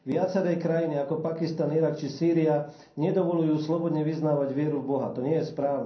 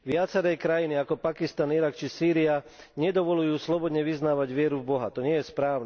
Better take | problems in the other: second | room echo; dies away in 0.6 s

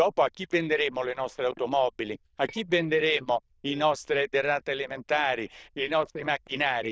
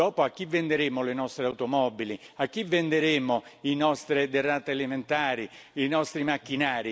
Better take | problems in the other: second | noise reduction (neural diffusion model UNIVERSE++)

